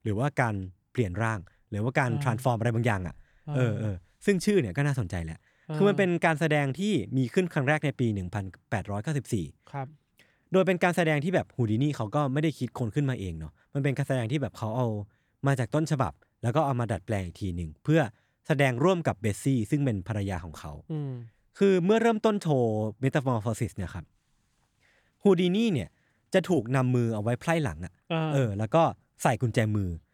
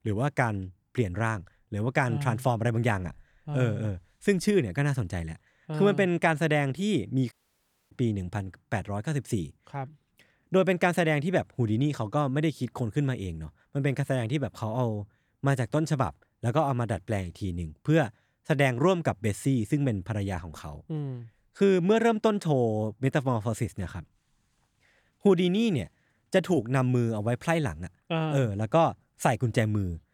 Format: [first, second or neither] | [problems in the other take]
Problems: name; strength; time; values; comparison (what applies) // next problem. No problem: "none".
first | audio cutting out; at 7.5 s for 0.5 s